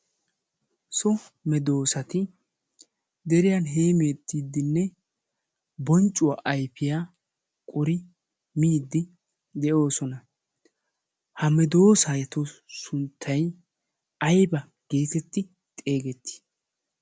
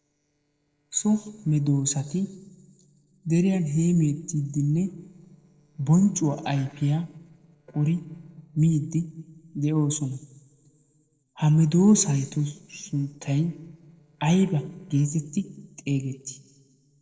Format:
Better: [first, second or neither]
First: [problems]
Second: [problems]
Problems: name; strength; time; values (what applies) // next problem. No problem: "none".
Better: first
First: none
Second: noise reduction (neural separator model SepFormer DNS4)